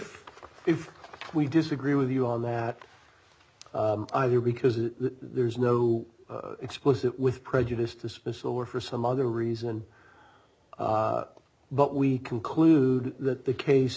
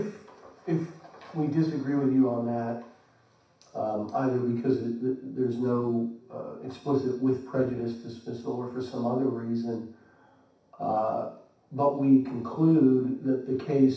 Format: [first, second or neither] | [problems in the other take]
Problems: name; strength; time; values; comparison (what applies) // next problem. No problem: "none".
first | room echo; dies away in 0.6 s